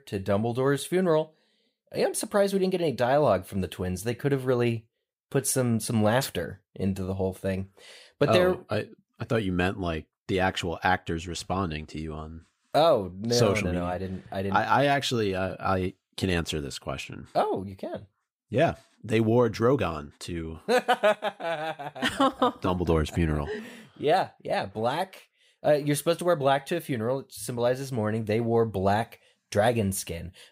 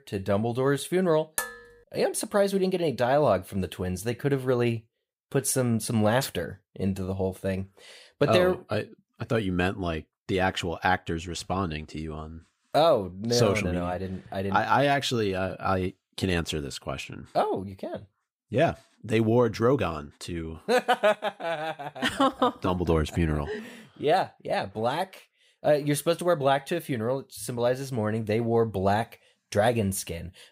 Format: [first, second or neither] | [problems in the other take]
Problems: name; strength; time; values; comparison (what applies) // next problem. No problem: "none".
first | clattering dishes; noticeable; at 1.5 s; peak 5 dB below the speech